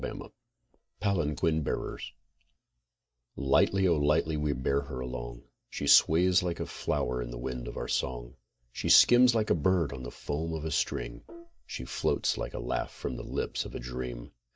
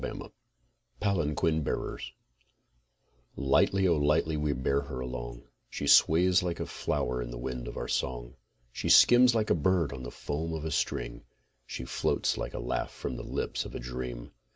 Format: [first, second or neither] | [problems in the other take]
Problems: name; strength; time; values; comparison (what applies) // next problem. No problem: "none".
second | noise reduction (neural mask model DeepFilterNet 3)